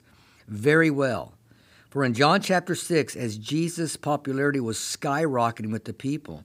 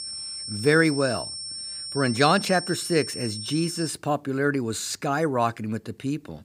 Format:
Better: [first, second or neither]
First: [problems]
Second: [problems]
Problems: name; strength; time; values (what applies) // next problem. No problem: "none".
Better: first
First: none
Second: high-pitched whine; loud; until 4 s; 5.5 kHz, 7 dB below the speech